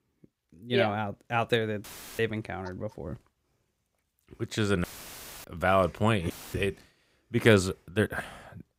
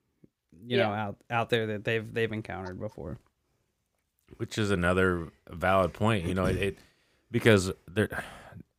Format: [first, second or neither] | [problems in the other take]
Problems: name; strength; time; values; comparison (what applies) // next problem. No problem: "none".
second | audio cutting out; filled with static; at 2 s, at 5 s for 0.5 s and at 6.5 s